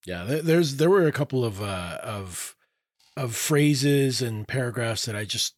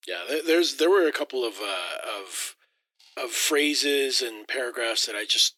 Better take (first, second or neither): first